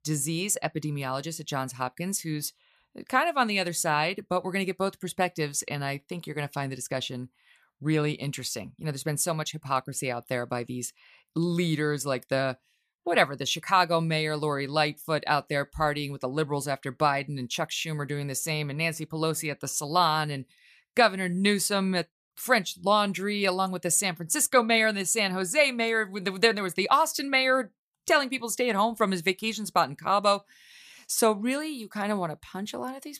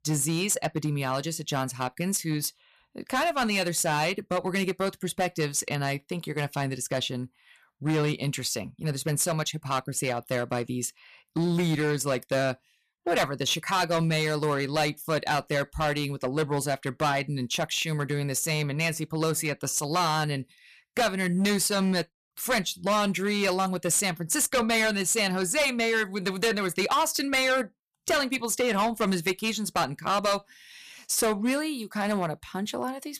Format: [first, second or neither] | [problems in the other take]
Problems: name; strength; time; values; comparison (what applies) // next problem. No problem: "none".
first | distortion; heavy; 9% of the sound clipped